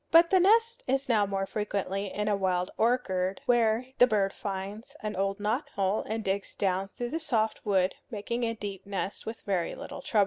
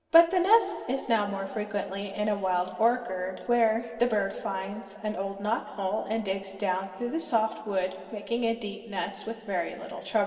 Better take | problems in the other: first | room echo; dies away in 2.3 s

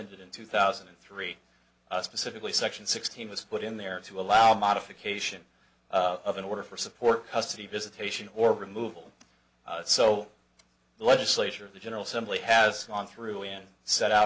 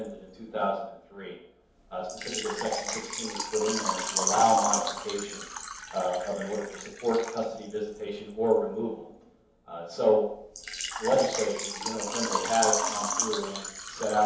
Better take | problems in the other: first | background sound (Water / Liquid); 5 dB below the speech // room echo; dies away in 0.8 s

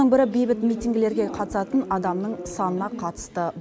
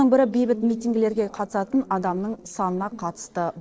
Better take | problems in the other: first | noise reduction (neural separator model SepFormer DNS4)

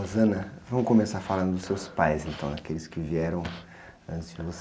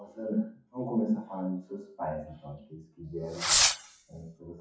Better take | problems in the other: first | noise reduction (classical method WPE with log-MMSE)

